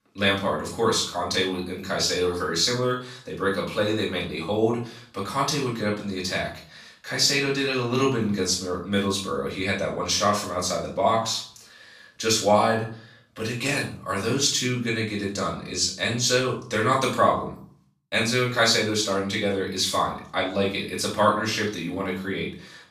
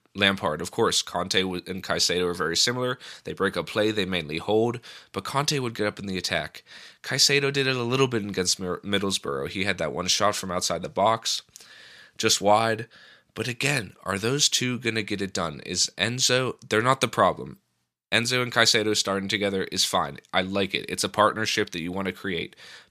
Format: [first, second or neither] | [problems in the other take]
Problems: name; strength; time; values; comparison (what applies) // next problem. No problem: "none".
second | off-mic speech; far // room echo; slight; dies away in 0.4 s